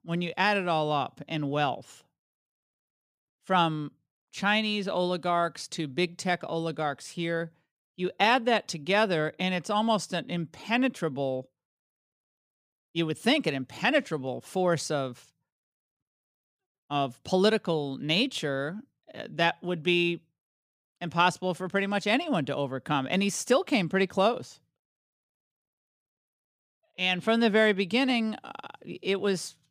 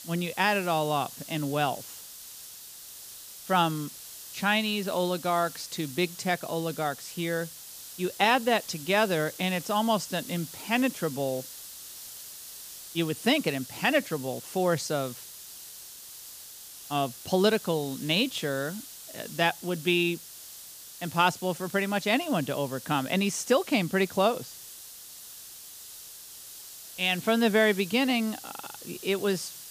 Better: first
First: none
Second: hiss; noticeable; throughout; 15 dB below the speech

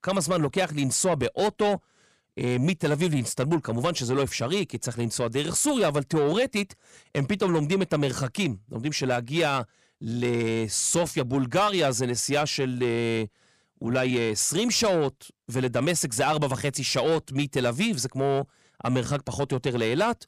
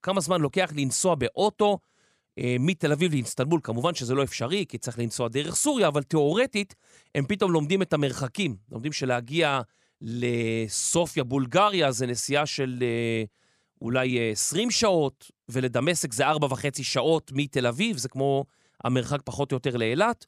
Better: second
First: distortion; slight; 10 dB below the speech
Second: none

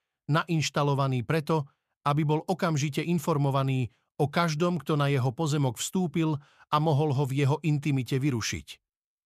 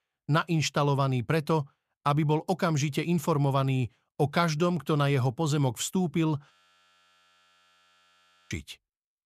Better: first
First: none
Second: audio freezing; at 6.5 s for 2 s

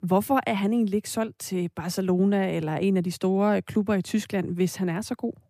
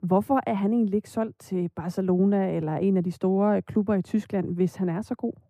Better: first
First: none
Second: muffled; slightly; fading above 2 kHz

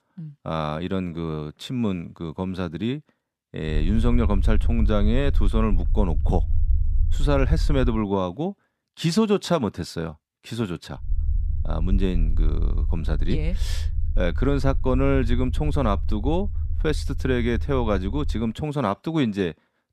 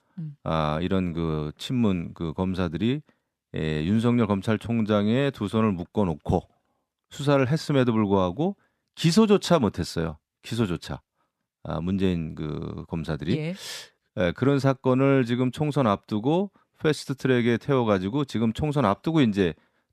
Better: second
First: low rumble; noticeable; from 3.5 to 8 s and from 11 to 18 s; 20 dB below the speech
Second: none

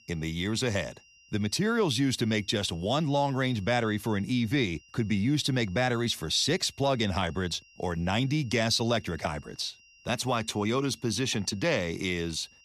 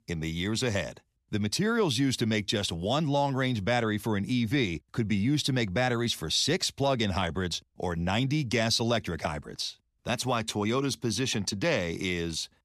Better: second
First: high-pitched whine; faint; throughout; 3 kHz, 25 dB below the speech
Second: none

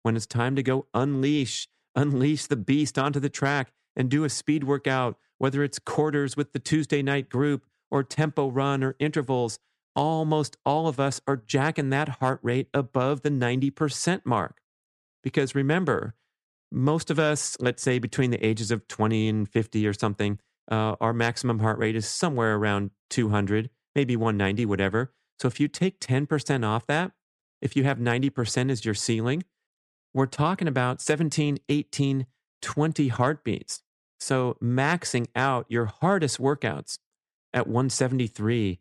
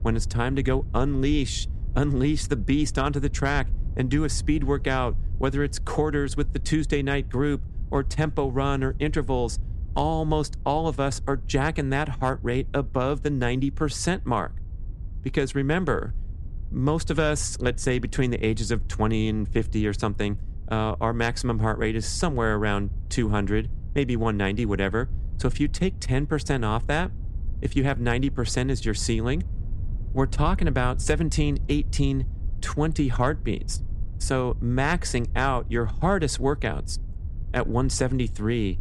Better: first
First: none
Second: low rumble; faint; throughout; 25 dB below the speech

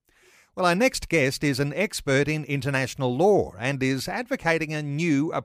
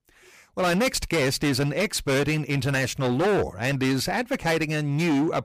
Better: first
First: none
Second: distortion; heavy; 20% of the sound clipped

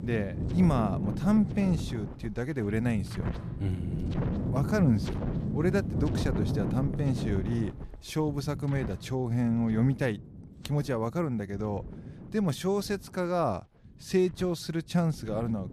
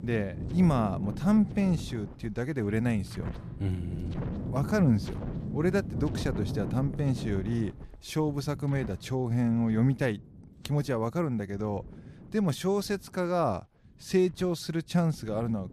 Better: second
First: wind noise on the microphone; heavy; 8 dB below the speech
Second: wind noise on the microphone; occasional gusts; 15 dB below the speech

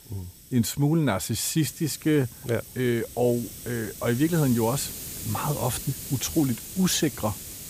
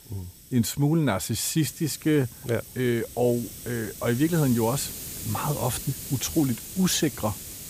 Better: neither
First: hiss; noticeable; throughout; 10 dB below the speech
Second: hiss; noticeable; throughout; 10 dB below the speech

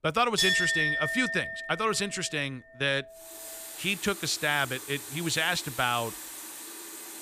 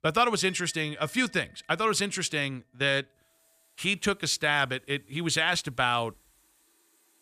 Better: second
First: household noises; loud; throughout; 3 dB below the speech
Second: household noises; faint; throughout; 30 dB below the speech

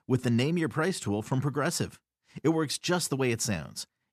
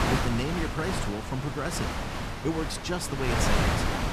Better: first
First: none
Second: wind noise on the microphone; heavy; 3 dB above the speech

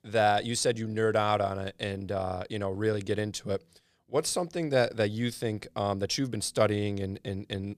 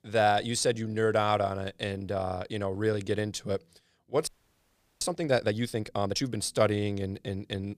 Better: first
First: none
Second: audio freezing; at 4.5 s for 0.5 s

